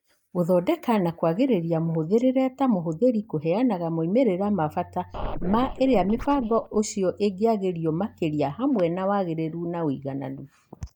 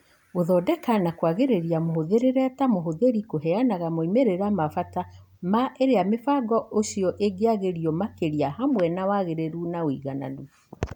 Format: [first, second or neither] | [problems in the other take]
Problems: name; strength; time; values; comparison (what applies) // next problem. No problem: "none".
second | noise reduction (neural mask model DeepFilterNet 3)